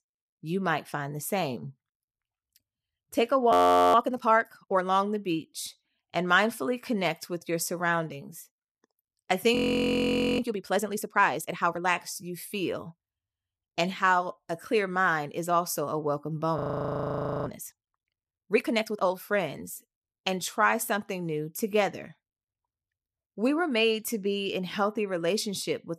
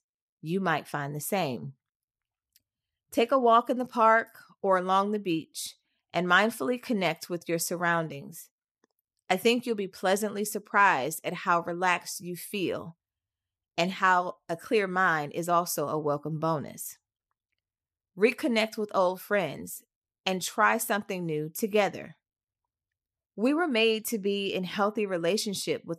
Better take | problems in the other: second | audio freezing; at 3.5 s, at 9.5 s for 1 s and at 17 s for 1 s

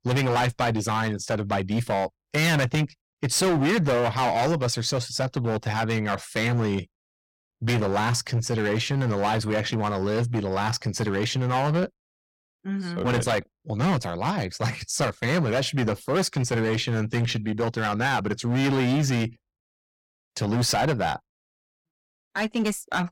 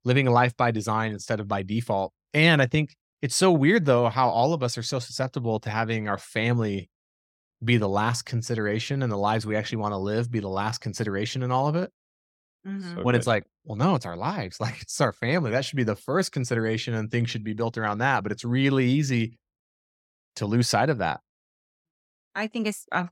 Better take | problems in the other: second | distortion; heavy; 15% of the sound clipped

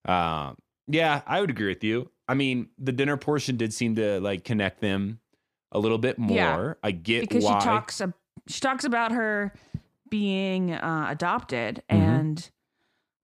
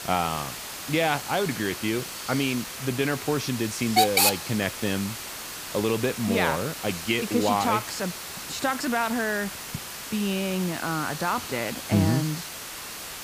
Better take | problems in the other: first | hiss; loud; throughout; 4 dB below the speech

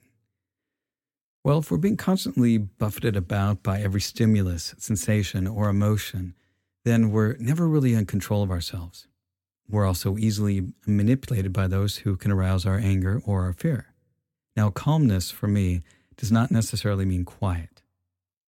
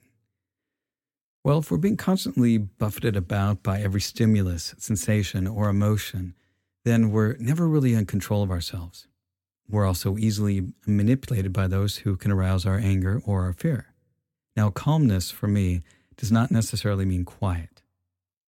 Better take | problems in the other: neither | none

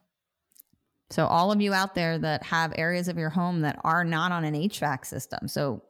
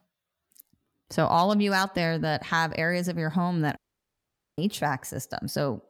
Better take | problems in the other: first | audio cutting out; at 4 s for 1 s

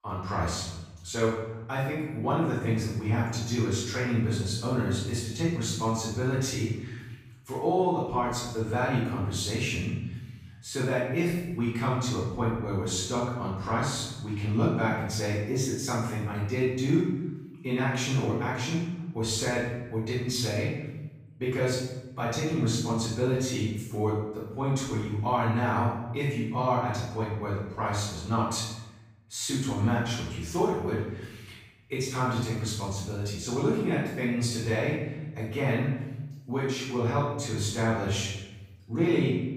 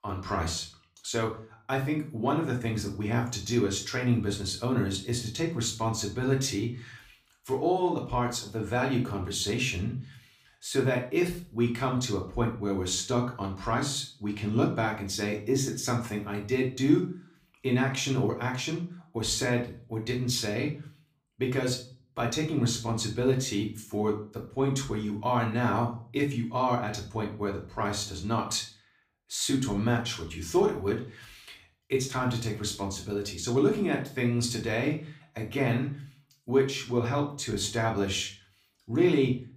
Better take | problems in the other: second | room echo; strong; dies away in 1 s; slight in the second // off-mic speech; far; far in the second

